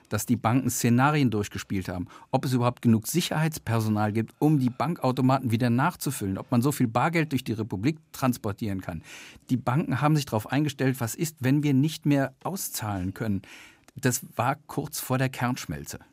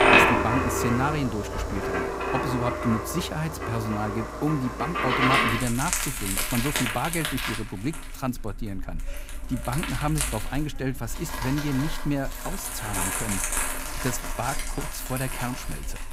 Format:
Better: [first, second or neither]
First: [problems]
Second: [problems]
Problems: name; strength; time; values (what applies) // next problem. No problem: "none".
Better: first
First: none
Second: household noises; very loud; throughout; 2 dB above the speech